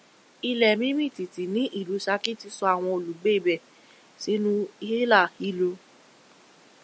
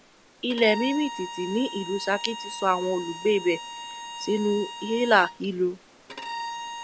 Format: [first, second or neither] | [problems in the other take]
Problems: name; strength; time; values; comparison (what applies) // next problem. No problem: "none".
first | background sound (Bowed string instrument); 11 dB below the speech